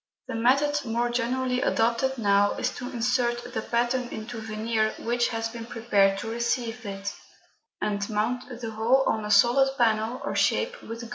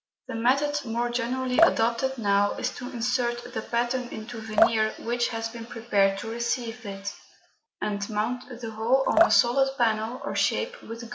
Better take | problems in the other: first | background sound (Drip); 3 dB below the speech

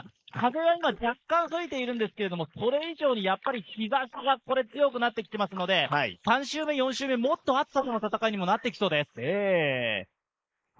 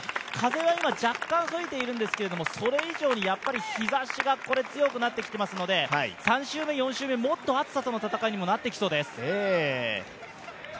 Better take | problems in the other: second | noise reduction (neural mask model Resemble Enhance denoiser)

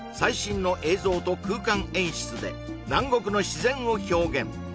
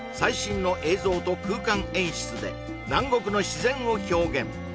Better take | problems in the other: first | background sound (Bowed string instrument); 13 dB below the speech

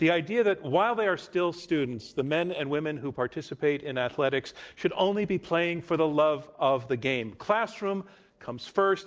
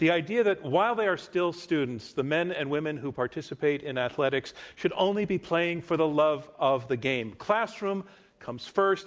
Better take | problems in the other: second | noise reduction (neural separator model SepFormer DNS4)

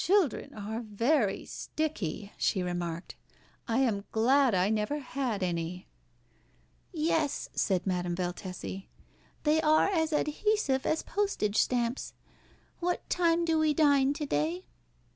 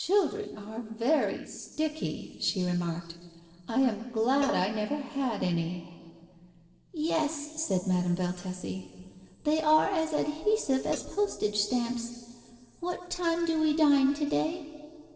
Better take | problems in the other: first | noise reduction (neural separator model SepFormer DNS4)

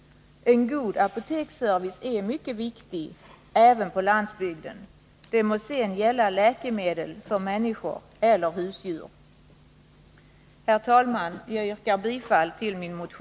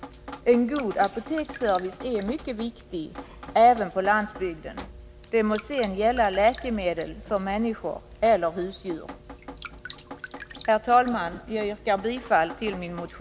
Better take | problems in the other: first | background sound (Drip + Drip); 16 dB below the speech

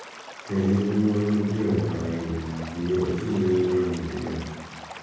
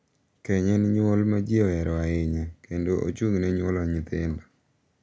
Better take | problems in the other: second | background sound (Stream / Liquid); 15 dB below the speech // room echo; dies away in 1.3 s

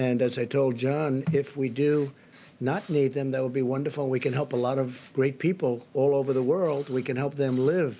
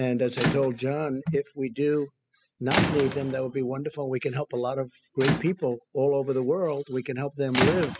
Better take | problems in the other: first | noise reduction (classical method spectral subtraction)

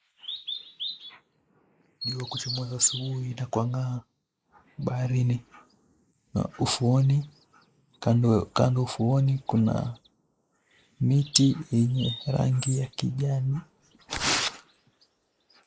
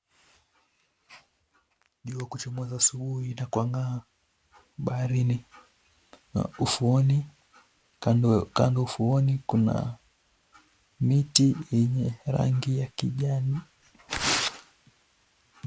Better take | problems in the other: second | noise reduction (neural mask model Resemble Enhance denoiser)

